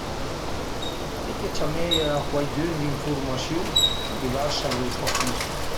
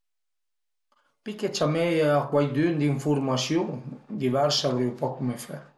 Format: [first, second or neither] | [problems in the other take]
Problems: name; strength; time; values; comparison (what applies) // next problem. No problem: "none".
second | background sound (Bicycle); 3 dB above the speech